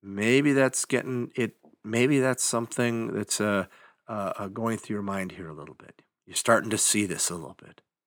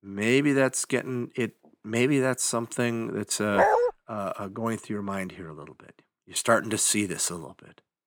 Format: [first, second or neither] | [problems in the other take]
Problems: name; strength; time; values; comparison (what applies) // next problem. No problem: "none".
first | dog barking; loud; at 3.5 s; peak 5 dB above the speech